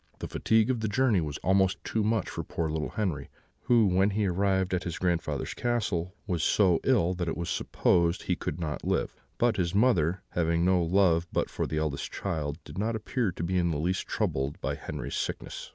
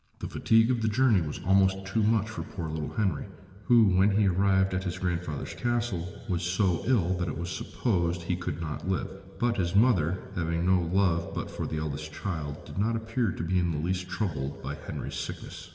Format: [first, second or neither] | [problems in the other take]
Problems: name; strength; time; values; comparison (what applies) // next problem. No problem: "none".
first | room echo; dies away in 1.9 s